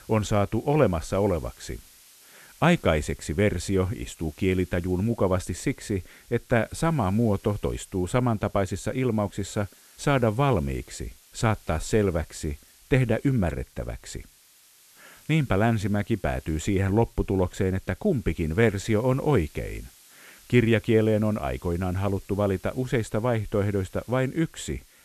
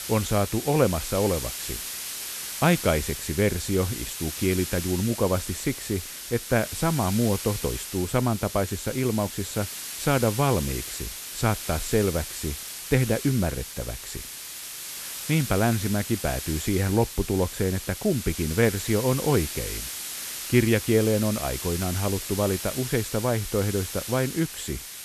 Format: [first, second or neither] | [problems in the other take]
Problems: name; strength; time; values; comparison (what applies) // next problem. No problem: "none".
first | hiss; loud; throughout; 7 dB below the speech; faint in the first